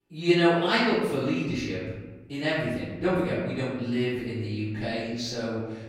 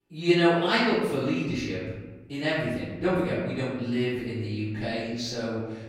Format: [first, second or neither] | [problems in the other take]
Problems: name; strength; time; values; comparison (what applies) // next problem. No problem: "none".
neither | off-mic speech; far; the same in both // room echo; noticeable; dies away in 1.2 s; the same in both